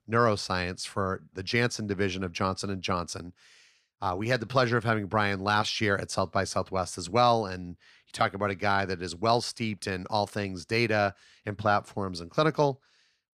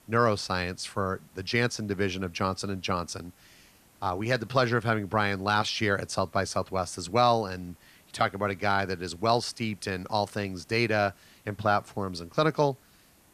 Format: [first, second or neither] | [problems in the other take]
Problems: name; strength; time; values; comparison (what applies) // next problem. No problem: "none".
first | hiss; faint; throughout; 30 dB below the speech